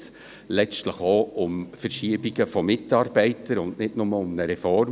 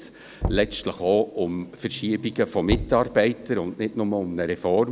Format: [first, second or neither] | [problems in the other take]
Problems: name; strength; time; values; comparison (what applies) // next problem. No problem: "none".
first | background sound (Knock); 11 dB below the speech